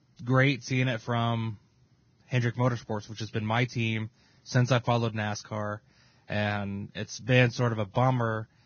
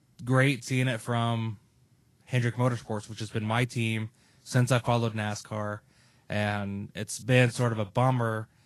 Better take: second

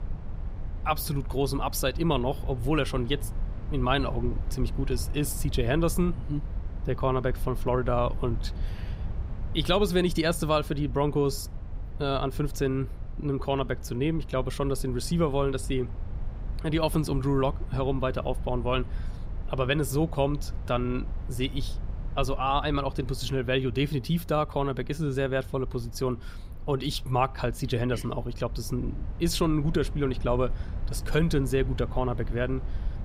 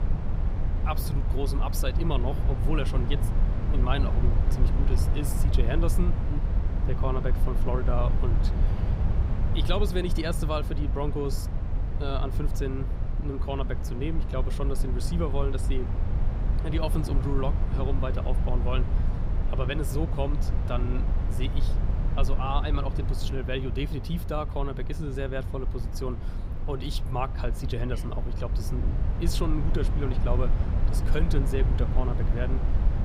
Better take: first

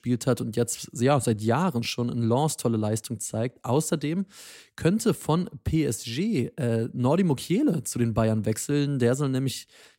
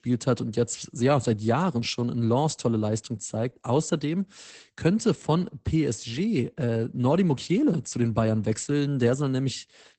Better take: first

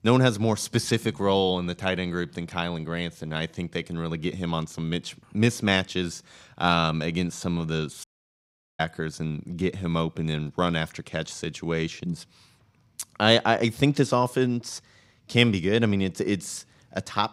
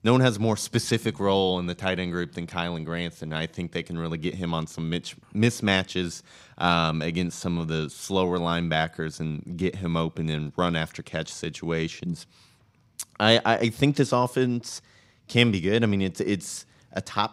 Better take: second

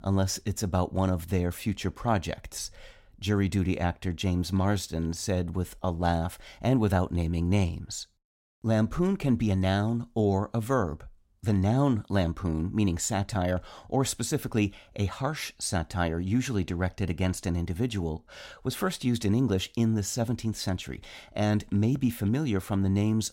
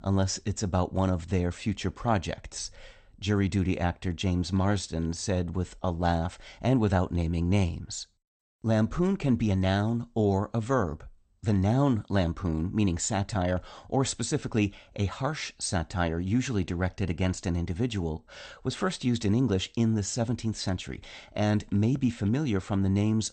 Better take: first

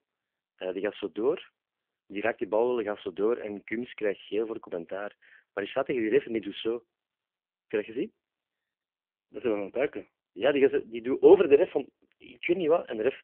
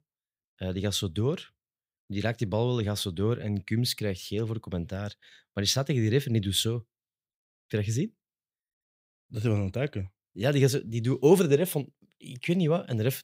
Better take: second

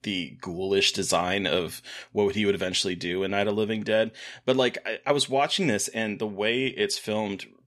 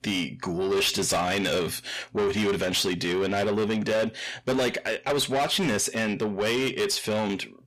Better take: first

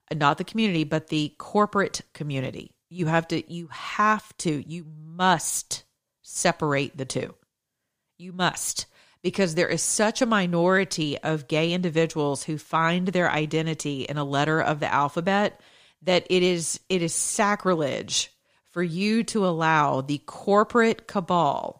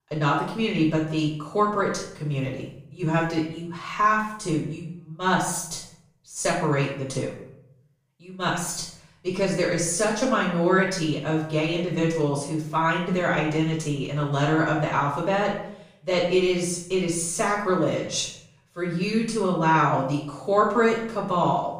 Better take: first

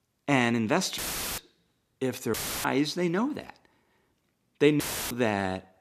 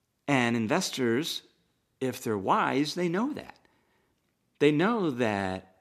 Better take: second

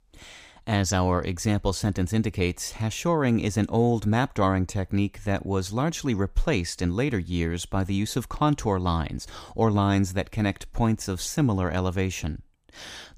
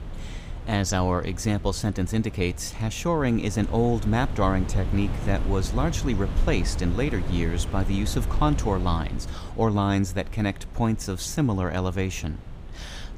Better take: first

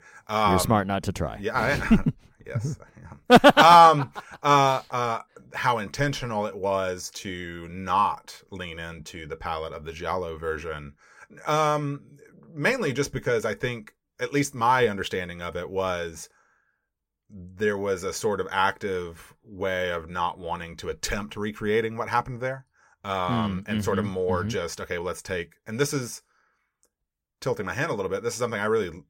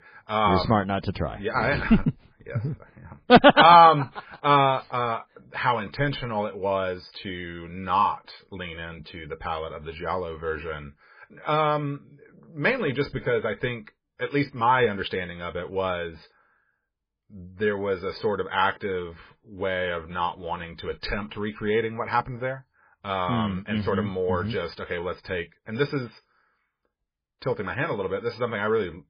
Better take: first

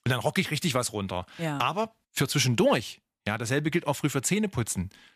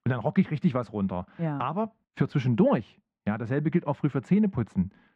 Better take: first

